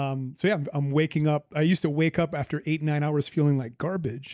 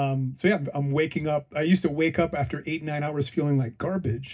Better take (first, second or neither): first